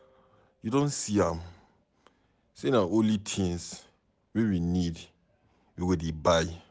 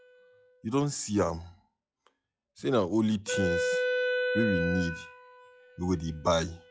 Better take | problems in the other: first | noise reduction (classical method log-MMSE)

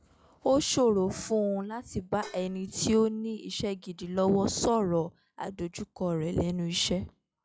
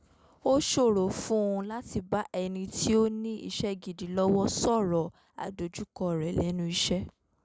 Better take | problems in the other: second | noise reduction (classical method log-MMSE)

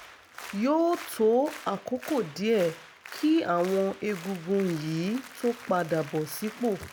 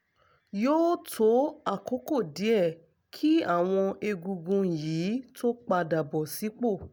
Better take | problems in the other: second | background sound (Applause); 17 dB below the speech

